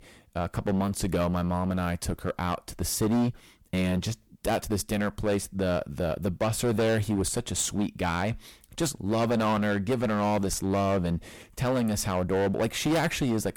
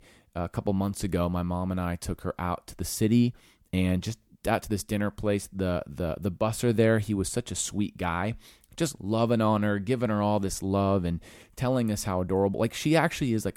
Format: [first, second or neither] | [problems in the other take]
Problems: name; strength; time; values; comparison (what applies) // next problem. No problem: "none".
second | distortion; heavy; 14% of the sound clipped